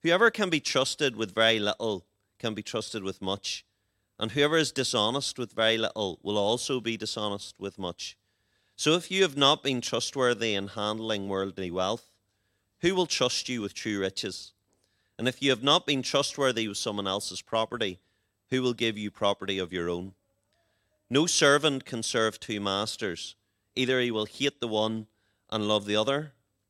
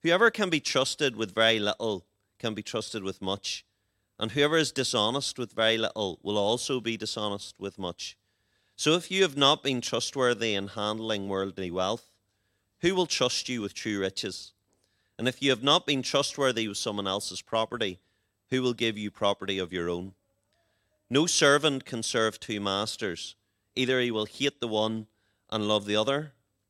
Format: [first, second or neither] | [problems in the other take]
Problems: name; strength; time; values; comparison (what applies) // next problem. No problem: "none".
neither | none